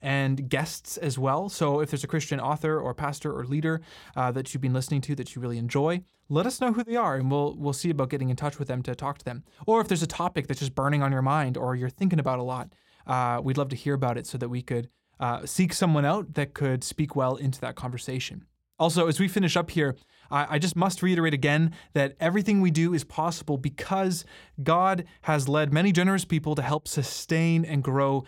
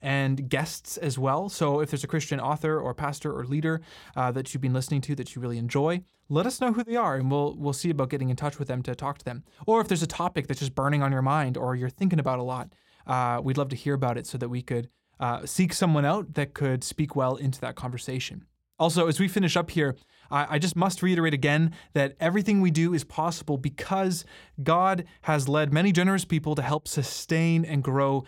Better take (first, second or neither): neither